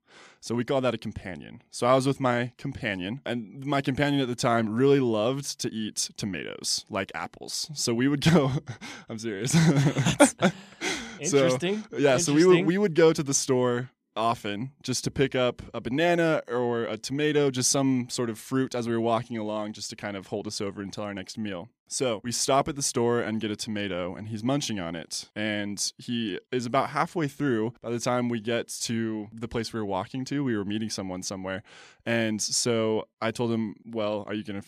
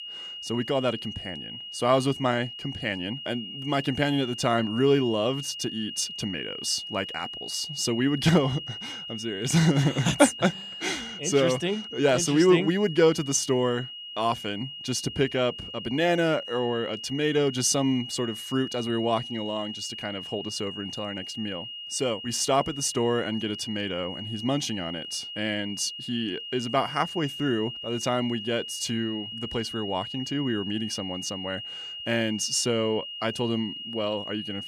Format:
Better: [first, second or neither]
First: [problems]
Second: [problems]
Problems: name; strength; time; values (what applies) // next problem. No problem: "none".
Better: first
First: none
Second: high-pitched whine; loud; throughout; 3 kHz, 9 dB below the speech